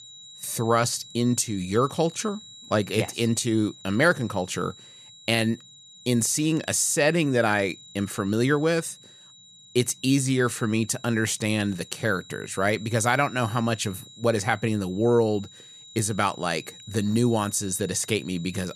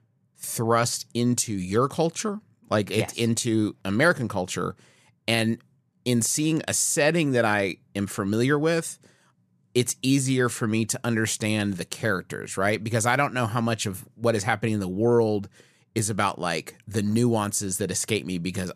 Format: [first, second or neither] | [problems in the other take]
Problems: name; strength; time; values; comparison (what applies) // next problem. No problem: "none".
second | high-pitched whine; noticeable; throughout; 4 kHz, 20 dB below the speech